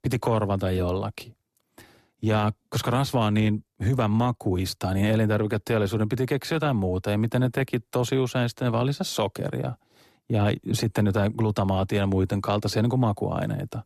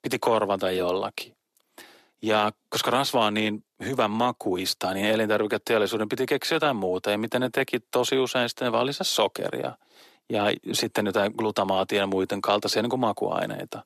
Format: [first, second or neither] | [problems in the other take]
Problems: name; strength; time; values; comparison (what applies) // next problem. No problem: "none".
first | thin; somewhat; fading below 350 Hz